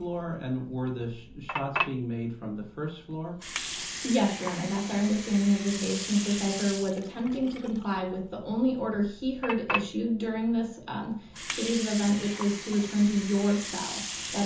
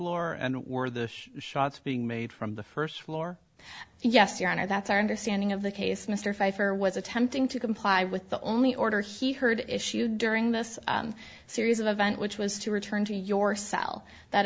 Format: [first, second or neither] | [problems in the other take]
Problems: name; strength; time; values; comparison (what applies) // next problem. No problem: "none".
second | background sound (Water); 9 dB below the speech // room echo; dies away in 0.6 s